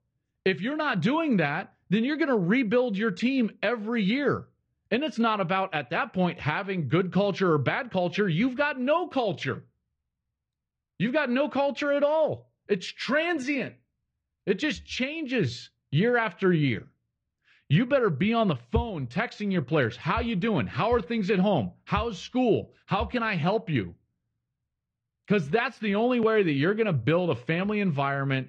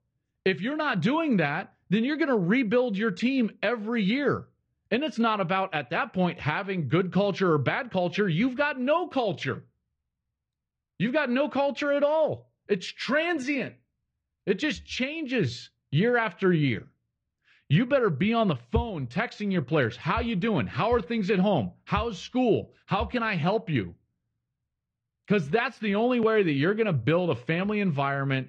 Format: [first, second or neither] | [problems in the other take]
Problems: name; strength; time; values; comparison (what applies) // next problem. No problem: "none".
neither | muffled; slightly; fading above 2 kHz; the same in both